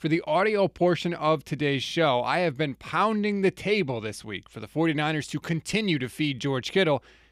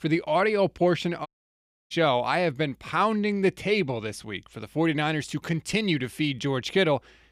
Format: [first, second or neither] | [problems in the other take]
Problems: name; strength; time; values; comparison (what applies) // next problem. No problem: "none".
first | audio cutting out; at 1.5 s for 0.5 s